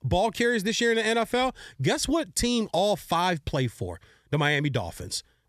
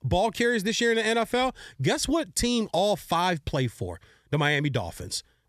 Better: neither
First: none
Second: none

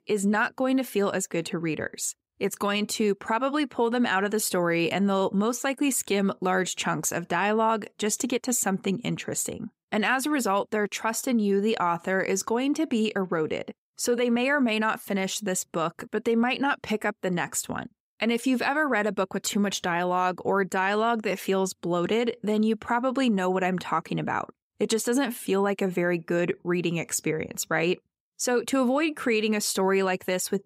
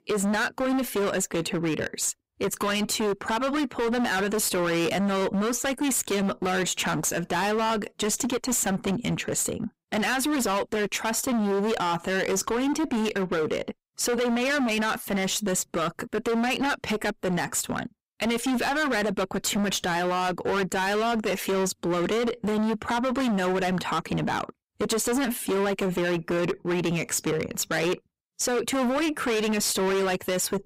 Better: first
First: none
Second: distortion; heavy; 29% of the sound clipped

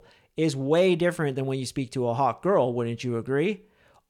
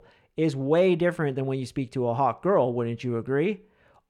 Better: first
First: none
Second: muffled; slightly; fading above 3.5 kHz

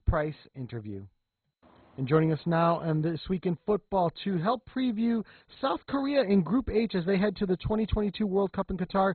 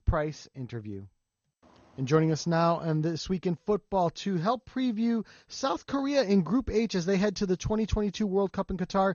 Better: second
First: garbled, watery; badly; nothing above 4 kHz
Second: garbled, watery; slightly; nothing above 6.5 kHz

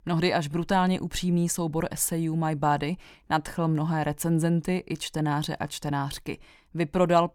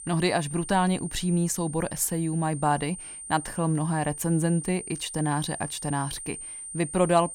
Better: first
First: none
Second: high-pitched whine; loud; throughout; 9 kHz, 10 dB below the speech

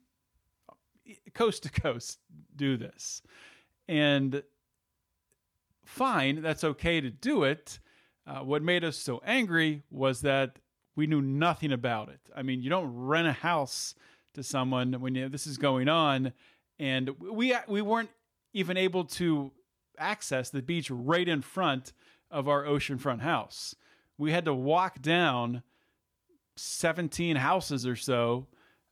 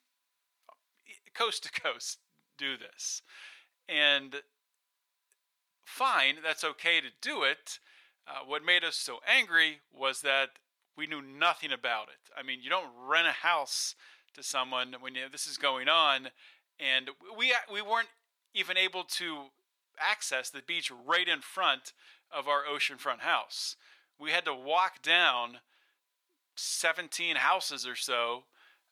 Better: first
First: none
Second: thin; very; fading below 800 Hz

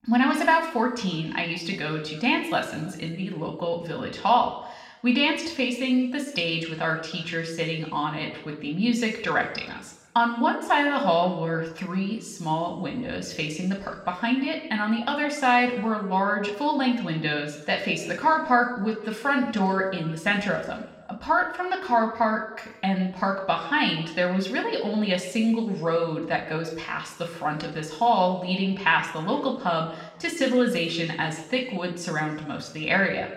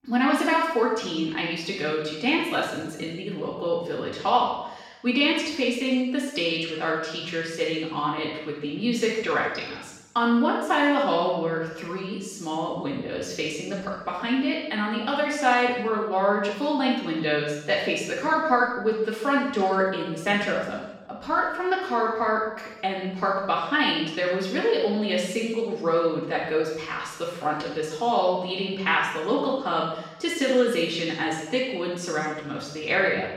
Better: first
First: room echo; slight; dies away in 0.9 s // off-mic speech; somewhat distant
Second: room echo; strong; dies away in 0.8 s // off-mic speech; far

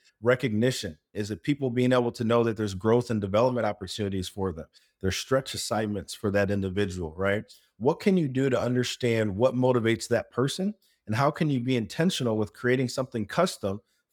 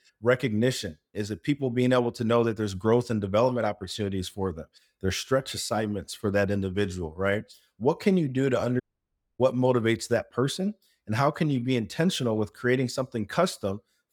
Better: first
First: none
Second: audio cutting out; at 9 s for 0.5 s

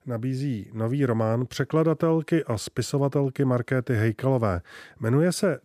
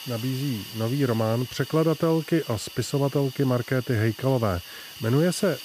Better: first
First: none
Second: hiss; noticeable; throughout; 15 dB below the speech

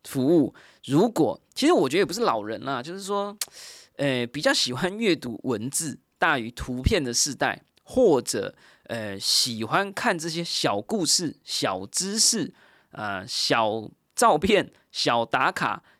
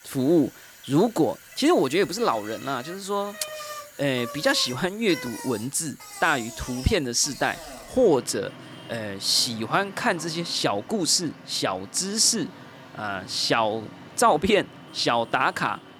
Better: first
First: none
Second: traffic noise; noticeable; throughout; 15 dB below the speech

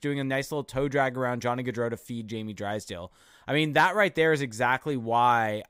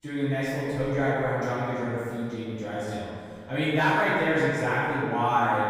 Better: first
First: none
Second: off-mic speech; far // room echo; strong; dies away in 2.1 s

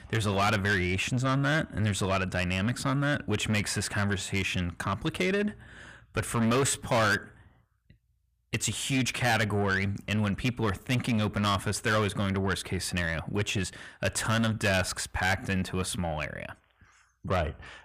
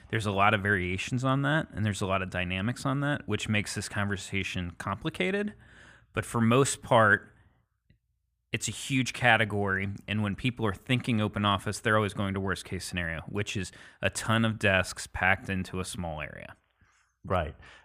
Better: second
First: distortion; heavy; 7 dB below the speech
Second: none

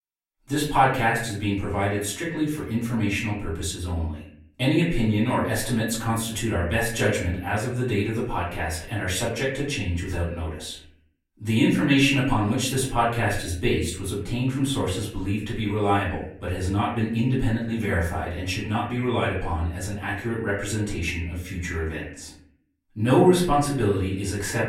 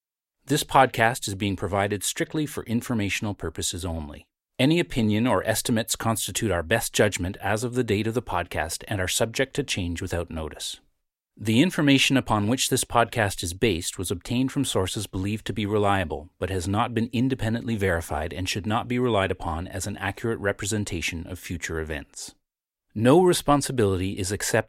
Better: second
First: room echo; slight; dies away in 0.6 s // off-mic speech; far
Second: none

